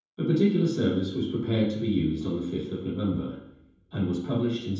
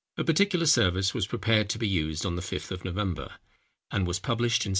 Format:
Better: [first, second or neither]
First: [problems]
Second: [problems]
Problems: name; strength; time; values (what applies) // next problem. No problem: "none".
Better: second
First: room echo; dies away in 0.9 s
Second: none